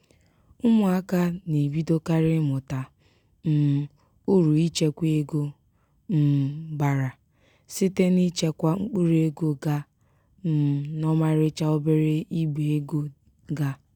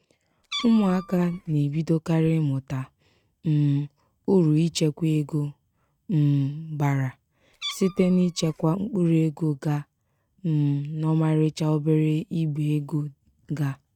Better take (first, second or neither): first